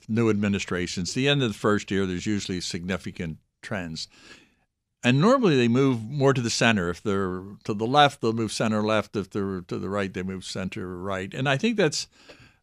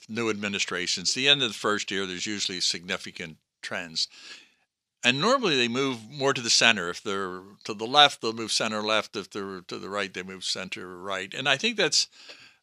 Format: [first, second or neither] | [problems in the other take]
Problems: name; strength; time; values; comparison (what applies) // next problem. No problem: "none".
first | thin; somewhat; fading below 1 kHz